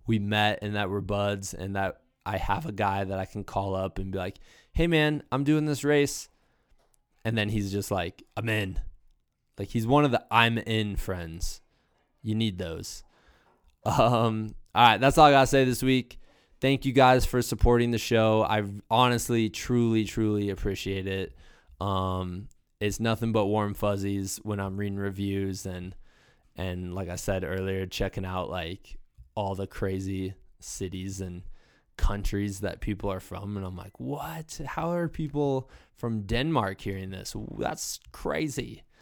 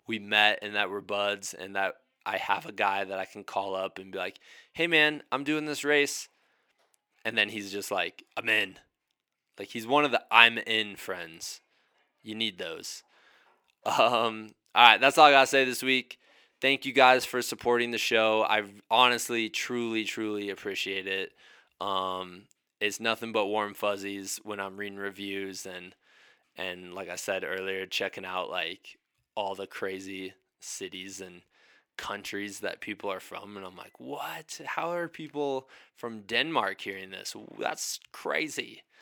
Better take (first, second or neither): first